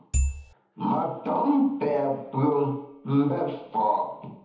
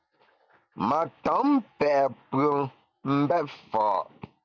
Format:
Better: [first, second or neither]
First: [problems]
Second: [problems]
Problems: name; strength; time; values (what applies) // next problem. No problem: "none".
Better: second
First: background sound (Marimba, xylophone / Wood); 1 dB above the speech // room echo; dies away in 1.1 s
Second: none